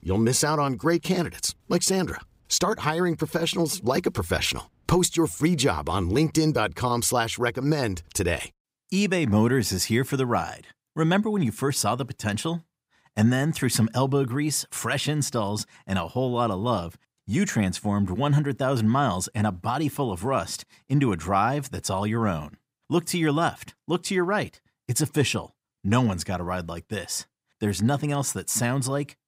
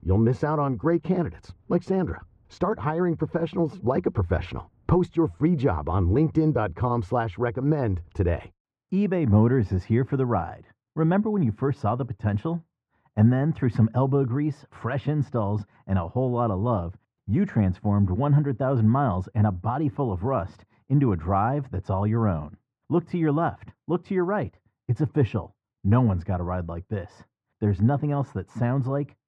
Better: first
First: none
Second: muffled; very; fading above 1 kHz

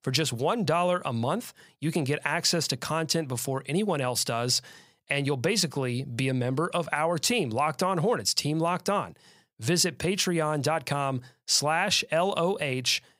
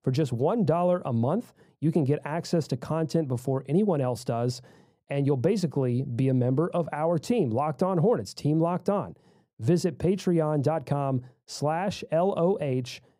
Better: first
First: none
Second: muffled; slightly; fading above 1 kHz

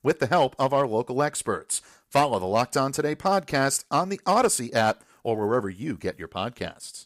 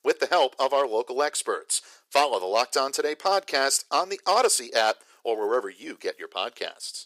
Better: first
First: none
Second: thin; somewhat; fading below 400 Hz

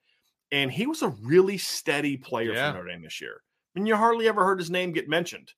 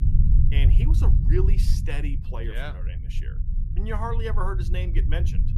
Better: first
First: none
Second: low rumble; loud; throughout; 7 dB below the speech

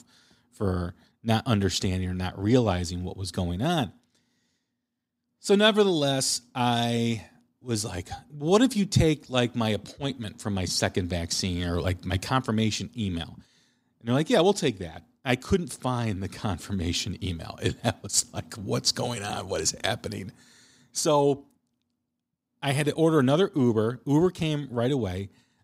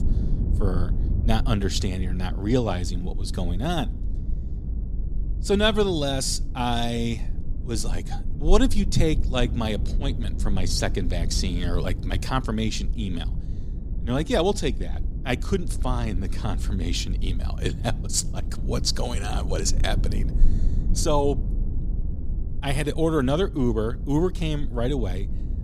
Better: first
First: none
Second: low rumble; noticeable; throughout; 15 dB below the speech

